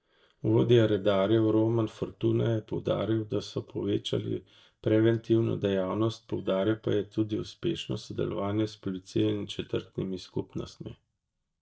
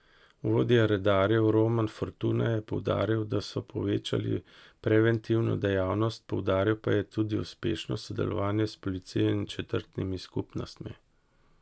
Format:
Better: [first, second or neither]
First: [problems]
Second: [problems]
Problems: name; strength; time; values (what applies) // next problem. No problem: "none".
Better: second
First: noise reduction (neural mask model DeepFilterNet 3)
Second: none